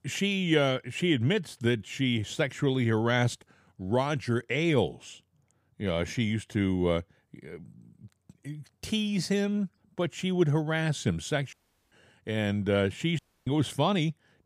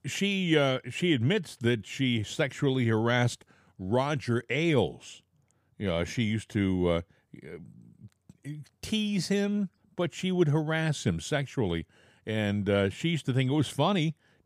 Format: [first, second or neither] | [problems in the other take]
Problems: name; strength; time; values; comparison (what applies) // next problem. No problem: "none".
second | audio cutting out; at 12 s and at 13 s